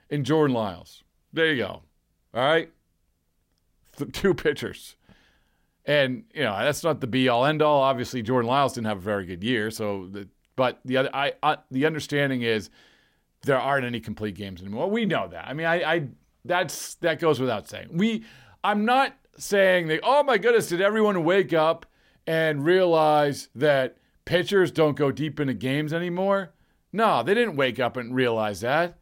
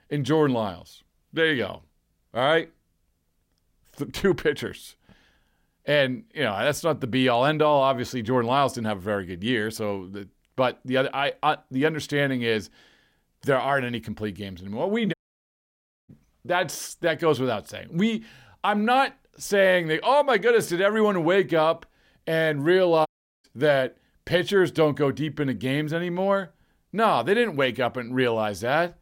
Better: first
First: none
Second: audio cutting out; at 15 s for 1 s and at 23 s

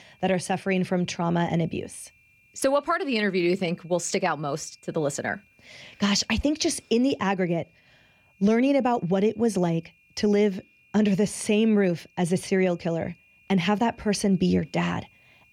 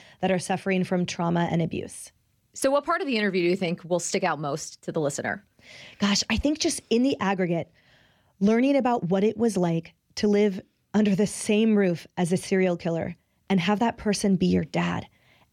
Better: second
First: high-pitched whine; faint; throughout; 2.5 kHz, 35 dB below the speech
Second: none

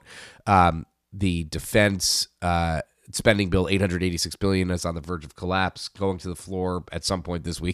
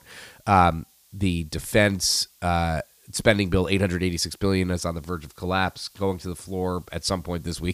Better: first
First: none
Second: hiss; faint; throughout; 30 dB below the speech

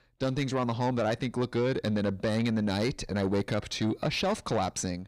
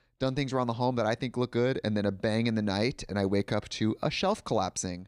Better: second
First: distortion; slight; 10 dB below the speech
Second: none

